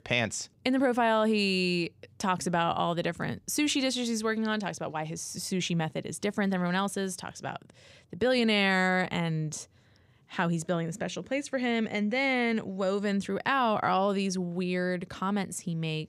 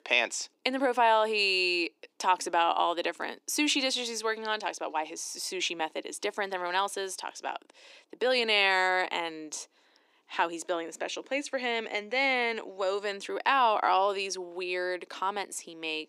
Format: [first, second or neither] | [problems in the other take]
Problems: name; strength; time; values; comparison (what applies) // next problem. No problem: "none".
first | thin; somewhat; fading below 300 Hz